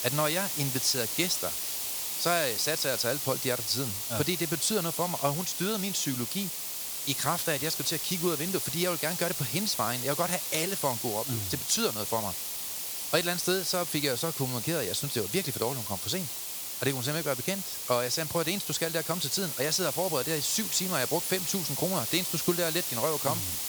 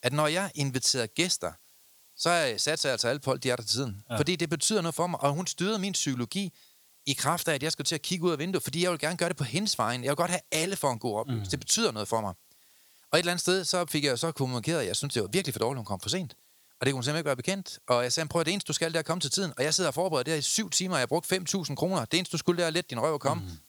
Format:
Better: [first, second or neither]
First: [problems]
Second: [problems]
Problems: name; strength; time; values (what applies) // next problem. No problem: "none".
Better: second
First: hiss; loud; throughout; 2 dB below the speech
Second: hiss; faint; throughout; 30 dB below the speech